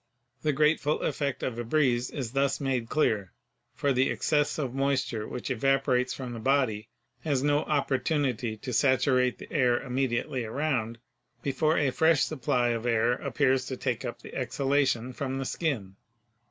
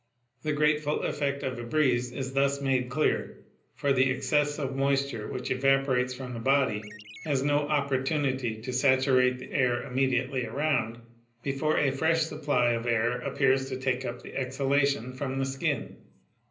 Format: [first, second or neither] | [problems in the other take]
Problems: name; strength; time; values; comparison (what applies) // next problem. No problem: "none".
first | background sound (Chirp, tweet); 16 dB below the speech // room echo; dies away in 0.5 s